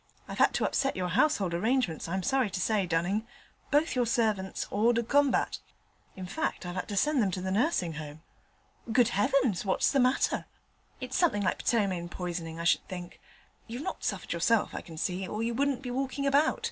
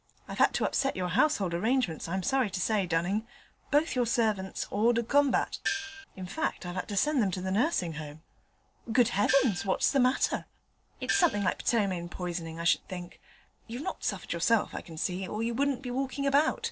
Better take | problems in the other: first | noise reduction (neural separator model SepFormer DNS4)

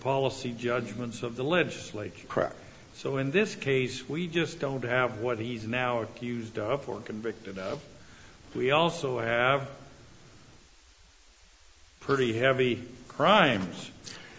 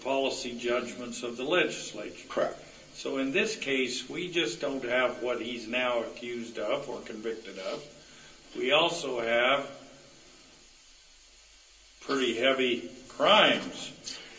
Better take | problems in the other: first | room echo; dies away in 0.3 s

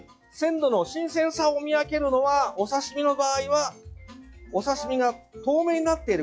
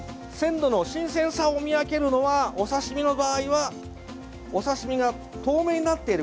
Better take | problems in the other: second | noise reduction (classical method log-MMSE)

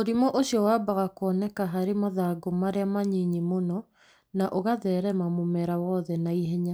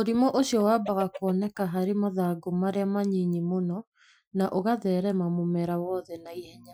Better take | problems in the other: first | noise reduction (classical method Wiener filter)

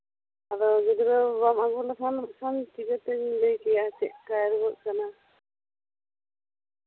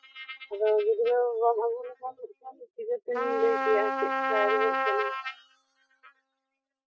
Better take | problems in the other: first | noise reduction (classical method Wiener filter)

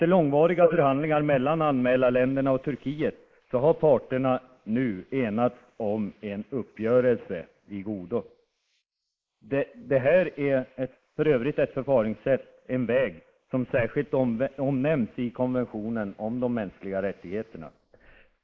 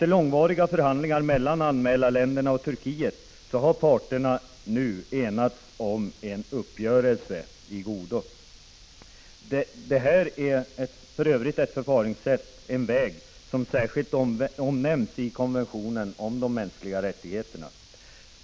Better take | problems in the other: second | noise reduction (neural mask model Resemble Enhance denoiser)

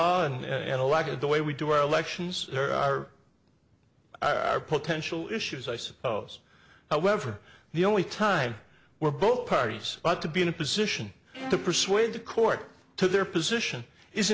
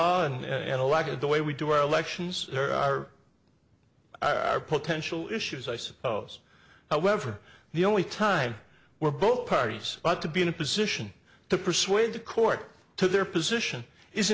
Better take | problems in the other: second | background sound (Bowed string instrument); 17 dB below the speech

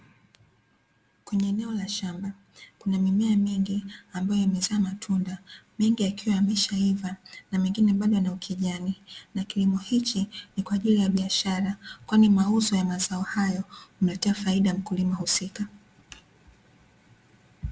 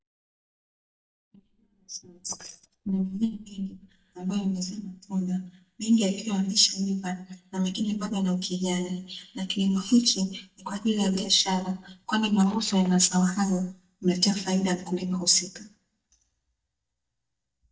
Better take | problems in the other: first | noise reduction (neural mask model DeepFilterNet 3)

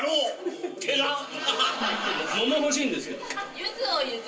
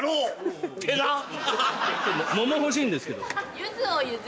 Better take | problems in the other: second | background sound (Gong); 16 dB below the speech // room echo; dies away in 0.3 s

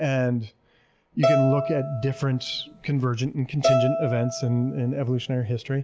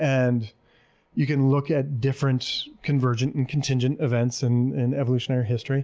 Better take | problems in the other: second | background sound (Bowed string instrument); 2 dB below the speech

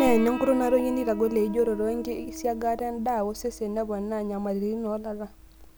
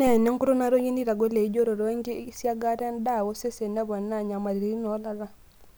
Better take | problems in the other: second | background sound (Piano); 11 dB below the speech

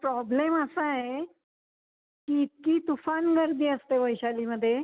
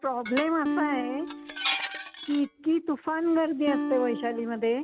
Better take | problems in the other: first | background sound (Acoustic guitar + Dishes, pots, and pans); 5 dB below the speech

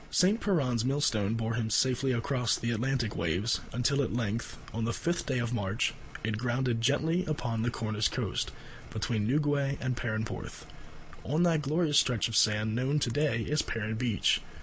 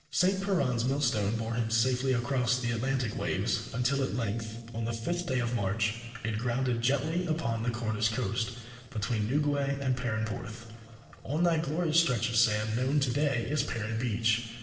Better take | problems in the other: first | noise reduction (neural separator model SepFormer DNS4)

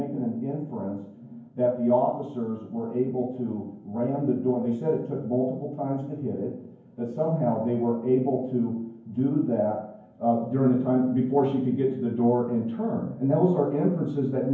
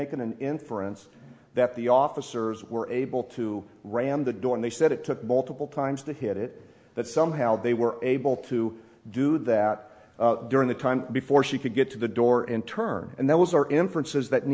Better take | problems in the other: second | room echo; dies away in 0.9 s

